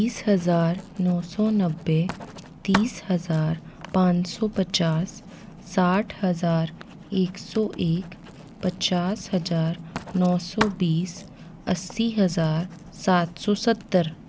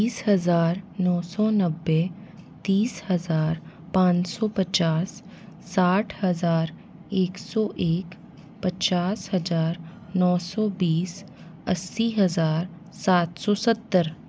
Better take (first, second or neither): second